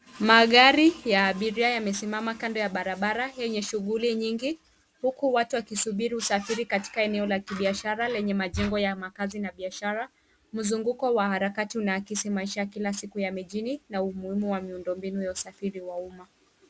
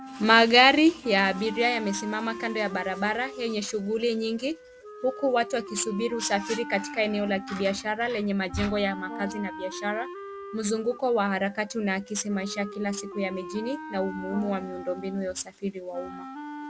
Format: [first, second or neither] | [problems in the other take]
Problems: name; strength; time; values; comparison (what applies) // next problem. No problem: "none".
first | background sound (Brass instrument + Wind instrument, woodwind instrument); 13 dB below the speech